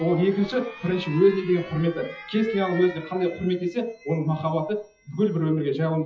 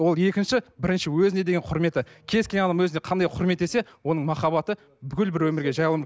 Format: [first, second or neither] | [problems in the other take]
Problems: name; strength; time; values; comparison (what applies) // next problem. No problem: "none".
second | noise reduction (classical method WPE with log-MMSE)